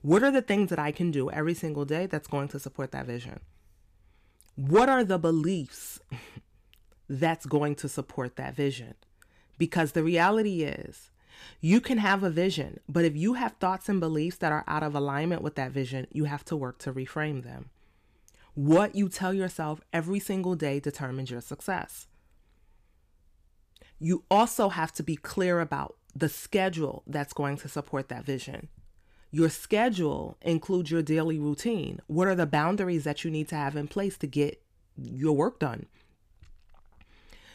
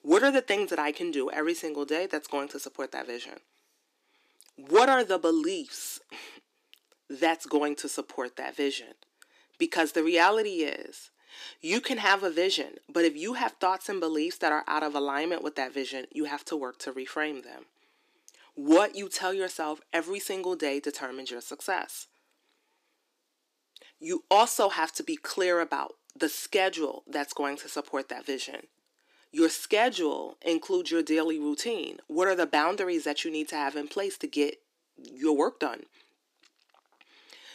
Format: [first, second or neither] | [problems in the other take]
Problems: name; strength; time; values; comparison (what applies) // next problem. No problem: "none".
first | thin; somewhat; fading below 300 Hz